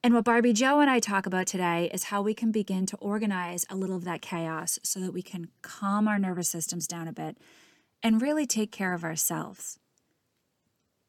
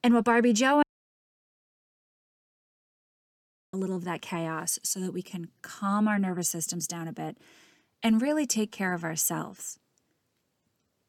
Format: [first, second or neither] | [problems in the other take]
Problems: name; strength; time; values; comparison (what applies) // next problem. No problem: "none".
first | audio cutting out; at 1 s for 3 s